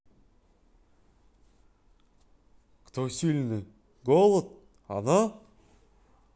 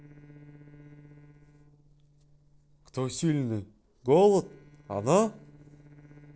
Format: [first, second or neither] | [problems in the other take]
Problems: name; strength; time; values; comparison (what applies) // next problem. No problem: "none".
first | noise reduction (neural separator model SepFormer DNS4)